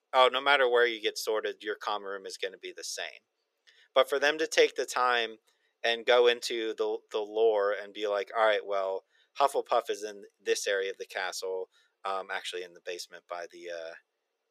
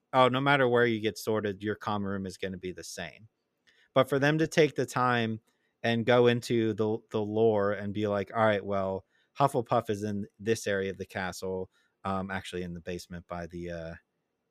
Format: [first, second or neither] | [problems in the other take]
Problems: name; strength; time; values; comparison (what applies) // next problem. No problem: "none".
second | thin; very; fading below 450 Hz